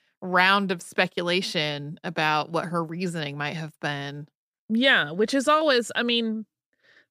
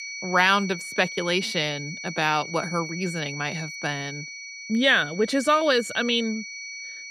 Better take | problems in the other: first | high-pitched whine; noticeable; throughout; 2.5 kHz, 10 dB below the speech

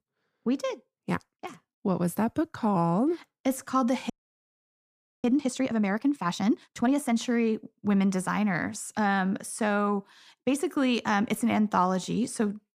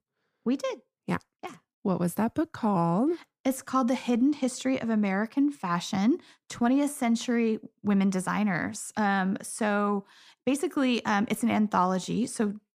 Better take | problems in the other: second | audio freezing; at 4 s for 1 s

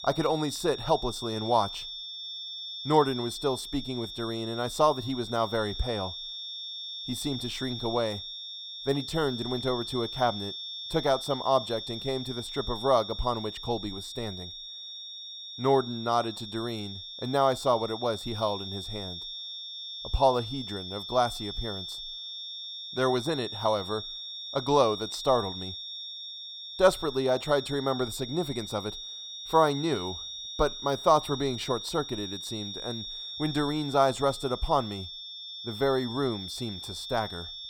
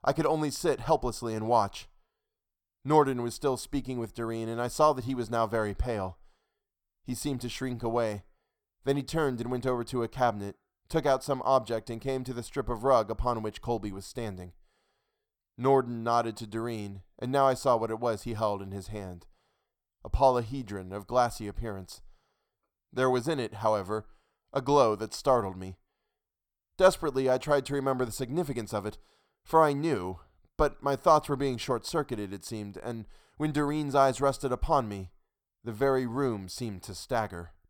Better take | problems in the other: second | high-pitched whine; loud; throughout; 3.5 kHz, 8 dB below the speech

